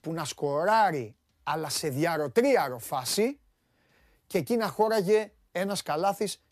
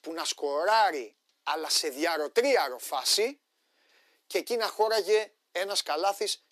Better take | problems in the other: first | thin; somewhat; fading below 300 Hz

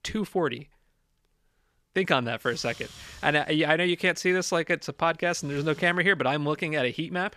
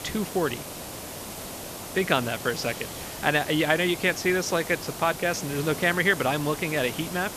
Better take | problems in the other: first | hiss; noticeable; throughout; 10 dB below the speech

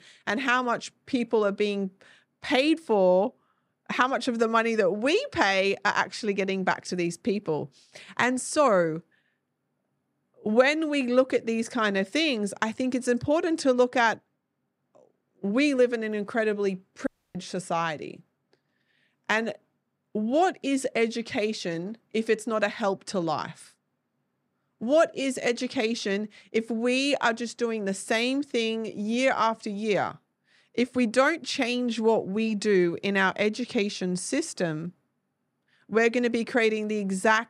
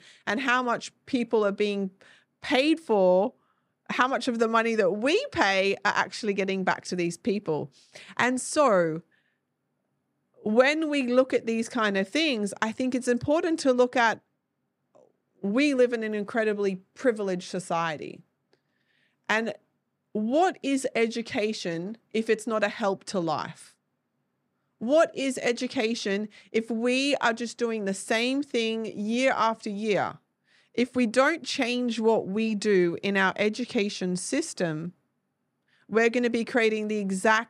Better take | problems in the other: second | audio cutting out; at 17 s

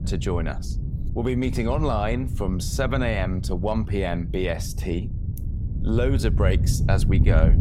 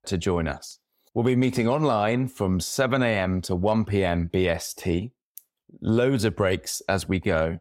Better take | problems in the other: second | wind noise on the microphone; occasional gusts; 10 dB below the speech

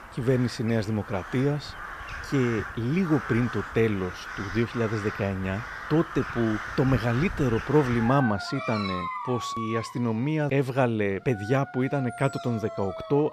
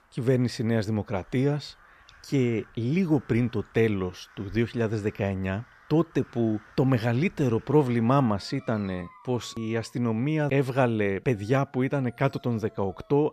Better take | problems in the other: second | animal sounds; loud; throughout; 9 dB below the speech; faint in the second

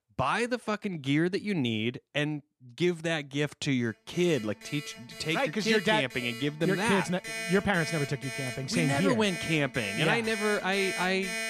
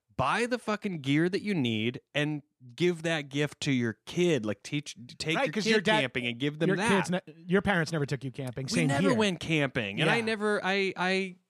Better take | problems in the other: second | alarms or sirens; loud; from 4 s on; 9 dB below the speech

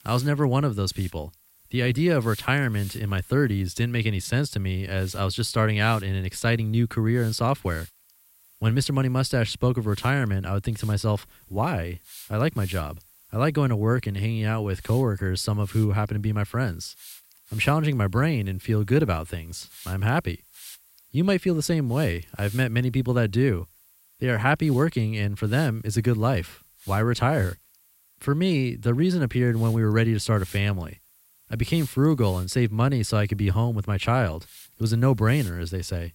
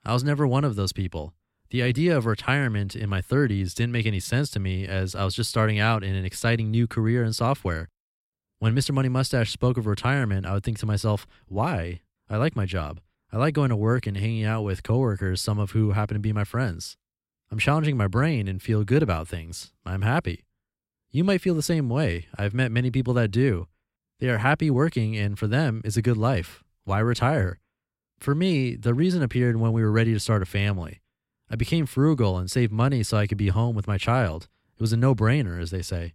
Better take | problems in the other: second | hiss; faint; throughout; 25 dB below the speech

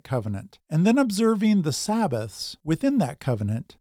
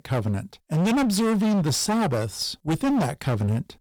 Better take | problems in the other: first | distortion; heavy; 27% of the sound clipped

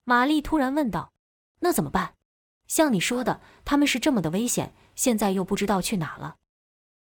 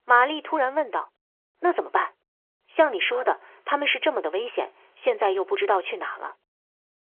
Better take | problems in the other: first | phone-call audio; nothing above 3.5 kHz

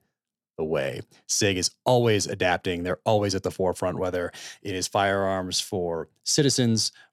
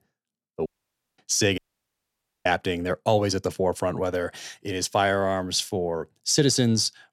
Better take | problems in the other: first | audio cutting out; at 0.5 s for 0.5 s and at 1.5 s for 1 s

